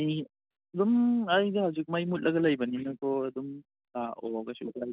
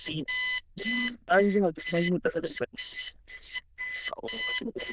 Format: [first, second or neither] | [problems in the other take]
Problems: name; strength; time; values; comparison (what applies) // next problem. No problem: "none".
first | noise reduction (neural diffusion model UNIVERSE++)